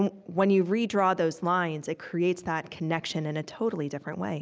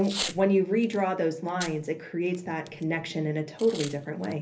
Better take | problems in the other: first | background sound (Packing tape, duct tape / Tearing); 14 dB below the speech // room echo; dies away in 0.3 s

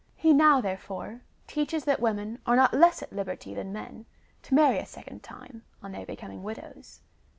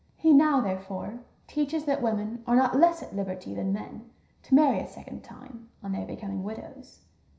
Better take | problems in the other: first | room echo; dies away in 0.5 s

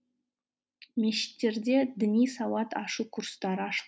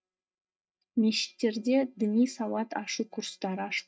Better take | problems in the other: first | noise reduction (neural mask model DeepFilterNet 3)

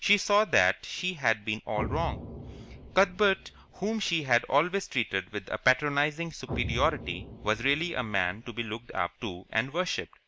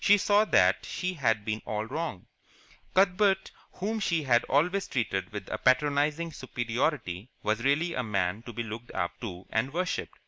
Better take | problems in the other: second | background sound (Explosion); 12 dB below the speech

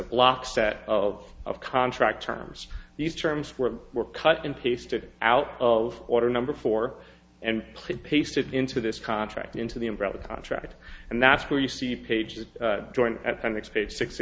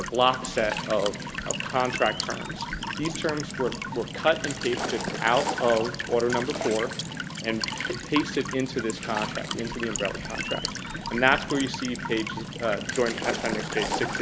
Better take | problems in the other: first | background sound (Walk, footsteps / Stream / Trickle, dribble / Chirp, tweet); 5 dB below the speech

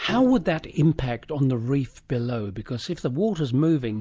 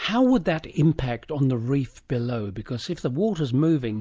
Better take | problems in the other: second | background sound (Bowed string instrument); 20 dB below the speech

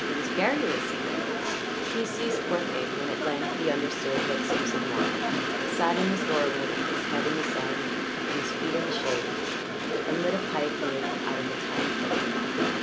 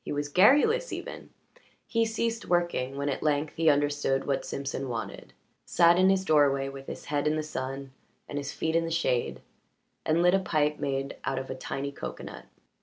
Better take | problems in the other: second | background sound (Train); 4 dB above the speech

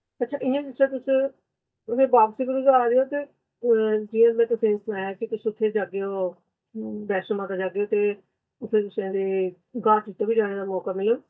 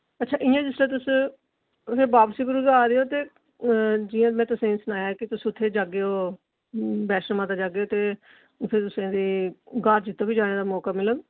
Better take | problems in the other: second | noise reduction (neural mask model DeepFilterNet 3)

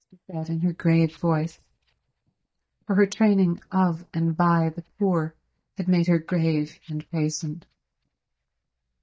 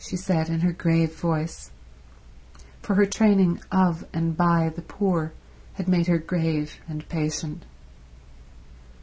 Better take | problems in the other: second | noise reduction (neural mask model DeepFilterNet 3)

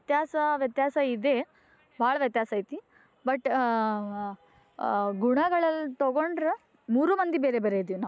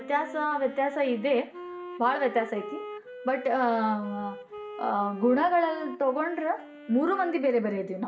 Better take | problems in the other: first | background sound (Wind instrument, woodwind instrument); 15 dB below the speech // room echo; dies away in 0.4 s

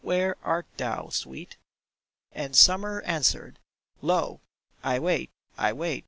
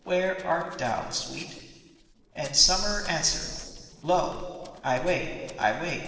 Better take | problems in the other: first | noise reduction (neural separator model SepFormer DNS4)

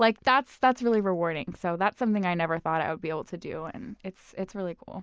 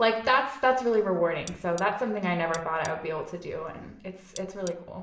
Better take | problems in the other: first | background sound (Cutlery, silverware); 20 dB below the speech // room echo; dies away in 0.7 s

